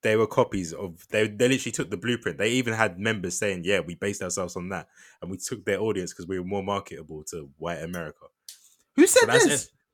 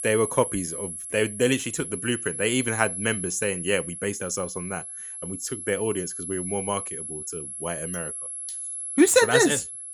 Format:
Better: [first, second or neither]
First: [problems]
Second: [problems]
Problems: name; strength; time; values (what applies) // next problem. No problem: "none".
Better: first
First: none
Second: high-pitched whine; loud; throughout; 11 kHz, 6 dB below the speech